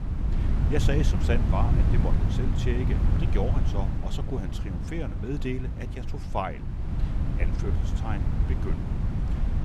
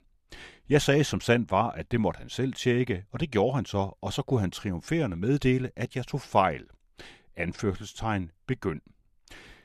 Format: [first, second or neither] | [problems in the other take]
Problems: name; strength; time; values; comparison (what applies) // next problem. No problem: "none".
second | wind noise on the microphone; heavy; 4 dB below the speech